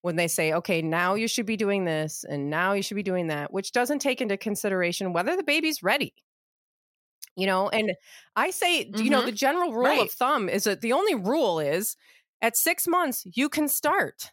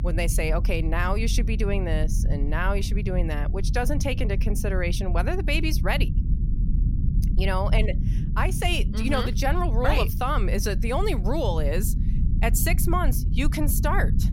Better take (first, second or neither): first